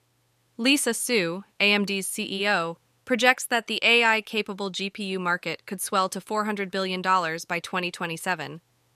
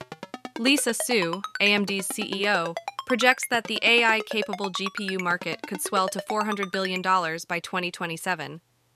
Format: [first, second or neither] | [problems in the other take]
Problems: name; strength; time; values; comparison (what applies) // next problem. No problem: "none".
first | phone ringing; noticeable; until 7 s; peak 9 dB below the speech